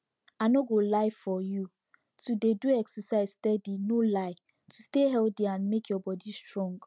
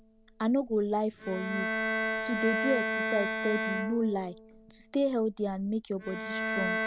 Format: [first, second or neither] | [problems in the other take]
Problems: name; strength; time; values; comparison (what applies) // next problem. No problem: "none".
first | background sound (Bowed string instrument); 3 dB below the speech